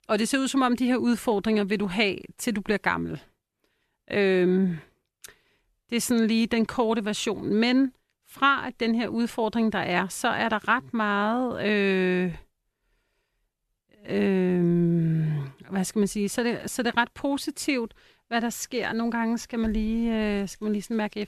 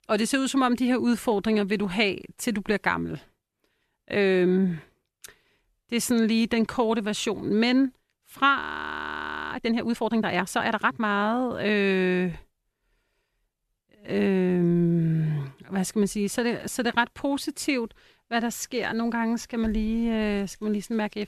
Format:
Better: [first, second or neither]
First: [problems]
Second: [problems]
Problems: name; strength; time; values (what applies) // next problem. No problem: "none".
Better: first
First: none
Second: audio freezing; at 8.5 s for 1 s